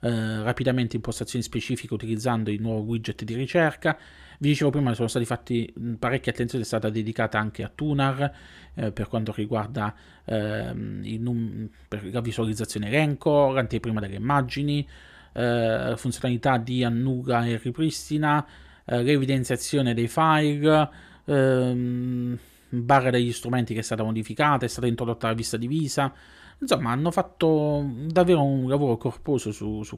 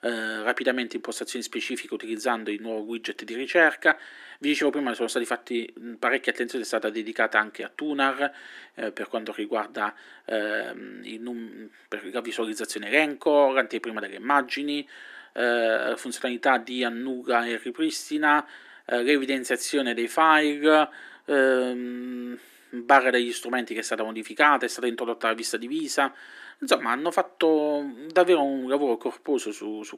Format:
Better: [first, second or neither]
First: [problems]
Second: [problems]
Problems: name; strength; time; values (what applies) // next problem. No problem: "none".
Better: first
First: none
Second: thin; somewhat; fading below 250 Hz